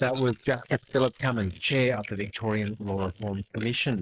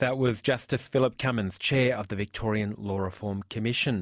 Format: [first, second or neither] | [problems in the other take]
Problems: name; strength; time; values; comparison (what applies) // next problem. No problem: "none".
second | noise reduction (neural mask model Resemble Enhance denoiser)